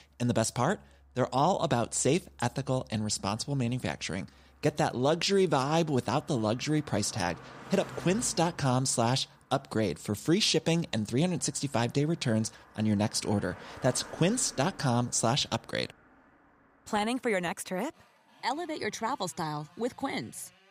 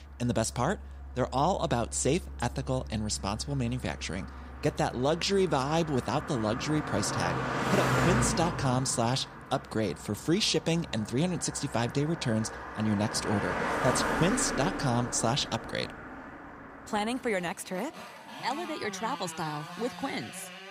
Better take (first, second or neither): first